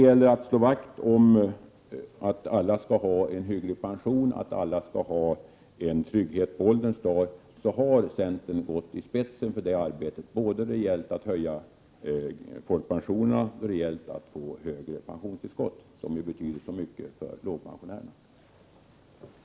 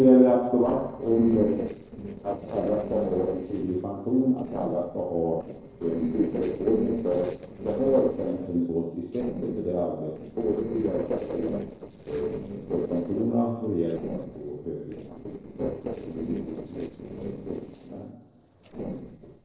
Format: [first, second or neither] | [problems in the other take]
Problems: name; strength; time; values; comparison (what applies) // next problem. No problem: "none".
first | noise reduction (neural separator model SepFormer DNS4)